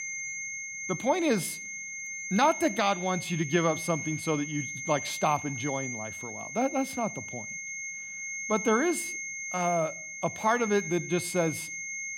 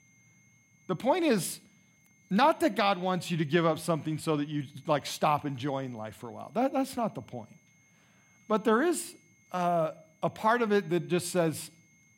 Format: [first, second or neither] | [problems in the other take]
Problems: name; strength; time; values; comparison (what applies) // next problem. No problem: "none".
second | high-pitched whine; loud; throughout; 2 kHz, 6 dB below the speech; faint in the second